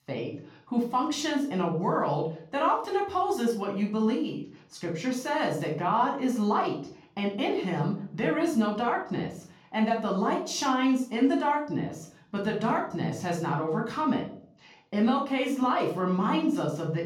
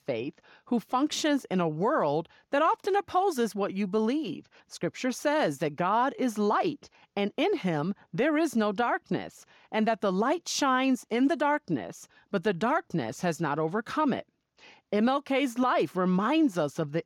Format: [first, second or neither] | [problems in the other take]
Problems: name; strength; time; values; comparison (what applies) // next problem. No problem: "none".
second | off-mic speech; somewhat distant // room echo; slight; dies away in 0.4 s